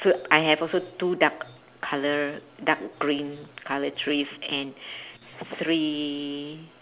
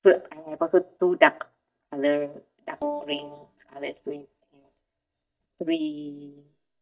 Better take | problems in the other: first | noise reduction (neural mask model DeepFilterNet 3)

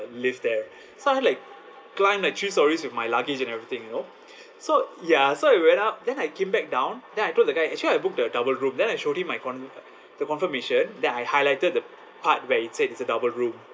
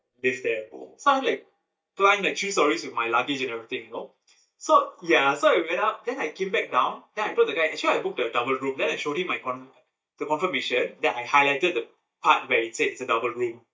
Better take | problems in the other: first | noise reduction (neural mask model DeepFilterNet 3)

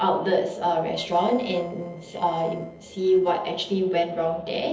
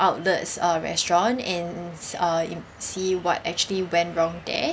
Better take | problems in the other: second | noise reduction (neural separator model SepFormer DNS4)

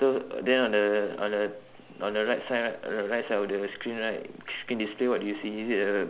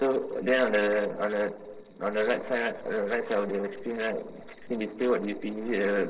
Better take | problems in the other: first | noise reduction (neural separator model SepFormer DNS4)

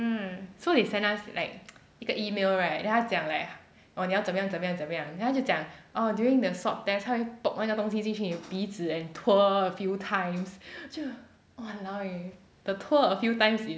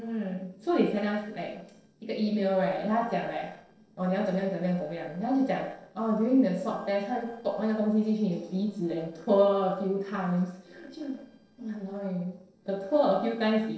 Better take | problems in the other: first | noise reduction (neural separator model SepFormer DNS4)

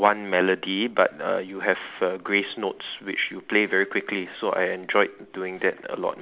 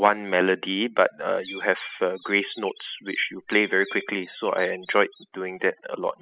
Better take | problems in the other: first | noise reduction (classical method spectral subtraction)

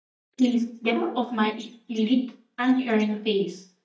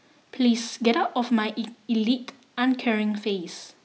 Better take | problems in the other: second | noise reduction (neural mask model DeepFilterNet 3)

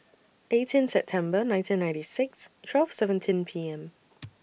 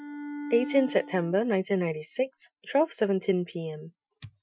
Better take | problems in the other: first | noise reduction (classical method Wiener filter)

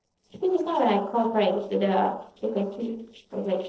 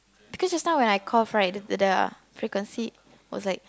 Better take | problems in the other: second | noise reduction (neural separator model SepFormer DNS4)

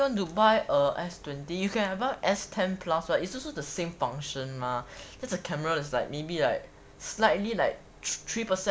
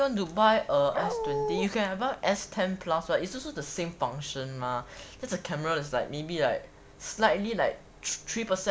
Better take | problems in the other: first | background sound (Dog); 1 dB below the speech

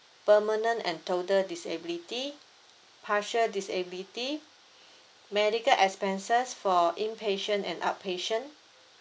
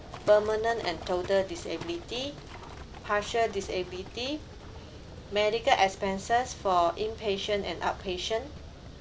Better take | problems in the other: first | background sound (Livestock, farm animals, working animals); 14 dB below the speech

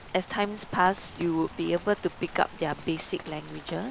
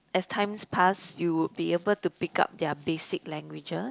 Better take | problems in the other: second | background sound (Rain); 16 dB below the speech

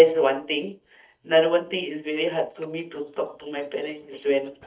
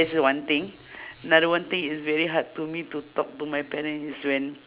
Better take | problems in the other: second | noise reduction (neural mask model DeepFilterNet 3)

